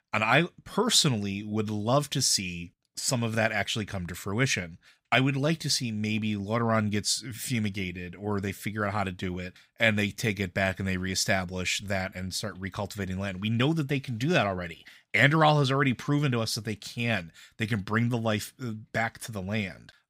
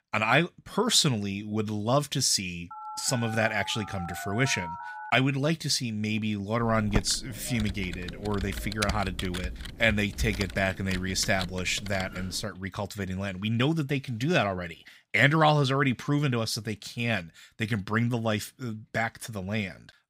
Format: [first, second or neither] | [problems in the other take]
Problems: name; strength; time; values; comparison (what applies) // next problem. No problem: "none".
first | phone ringing; noticeable; from 2.5 to 5 s; peak 10 dB below the speech // keyboard typing; noticeable; from 6.5 to 12 s; peak 5 dB below the speech